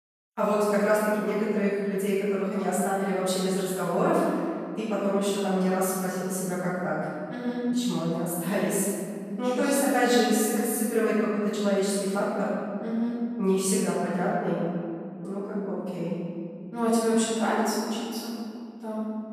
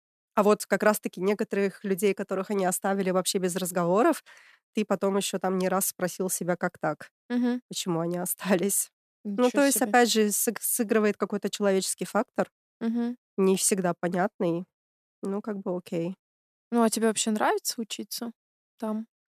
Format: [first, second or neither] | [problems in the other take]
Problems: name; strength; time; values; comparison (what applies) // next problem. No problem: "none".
second | off-mic speech; far // room echo; strong; dies away in 2.1 s